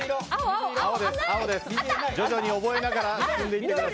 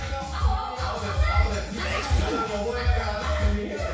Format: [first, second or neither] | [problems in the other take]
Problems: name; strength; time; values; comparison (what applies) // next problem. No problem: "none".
first | background sound (Sneeze); 12 dB below the speech // room echo; dies away in 0.6 s